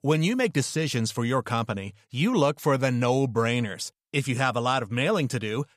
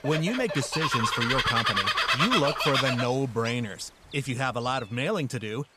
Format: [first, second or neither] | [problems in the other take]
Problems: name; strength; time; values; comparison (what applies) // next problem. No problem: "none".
first | animal sounds; very loud; throughout; 3 dB above the speech